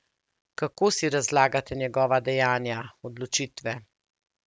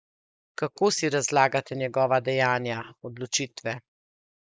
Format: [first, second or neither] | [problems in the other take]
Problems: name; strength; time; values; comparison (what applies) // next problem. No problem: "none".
first | noise reduction (neural mask model Resemble Enhance denoiser)